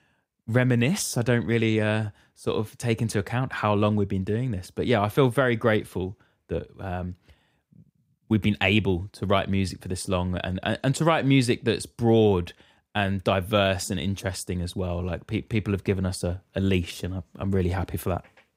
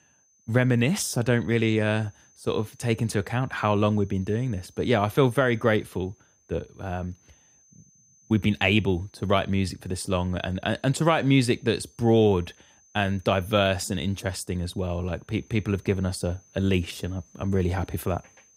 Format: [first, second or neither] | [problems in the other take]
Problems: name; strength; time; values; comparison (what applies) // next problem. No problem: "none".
first | high-pitched whine; faint; throughout; 6 kHz, 30 dB below the speech